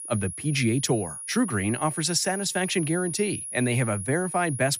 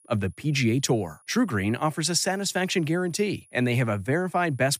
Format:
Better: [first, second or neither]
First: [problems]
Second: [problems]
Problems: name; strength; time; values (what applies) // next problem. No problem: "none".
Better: second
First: high-pitched whine; loud; throughout; 10.5 kHz, 7 dB below the speech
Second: high-pitched whine; faint; throughout; 10.5 kHz, 30 dB below the speech